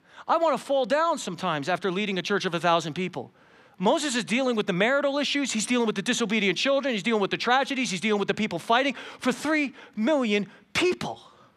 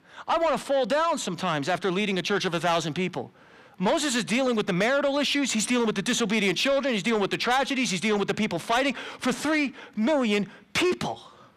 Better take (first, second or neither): first